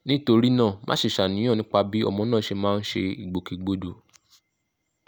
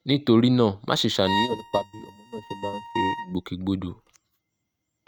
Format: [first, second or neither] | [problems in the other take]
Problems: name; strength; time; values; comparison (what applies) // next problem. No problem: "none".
first | noise reduction (neural mask model RNNoise)